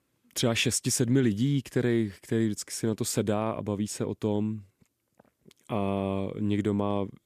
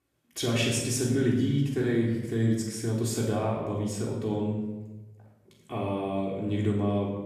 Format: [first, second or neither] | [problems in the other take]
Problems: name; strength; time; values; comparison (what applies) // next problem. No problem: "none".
first | room echo; noticeable; dies away in 1 s // off-mic speech; far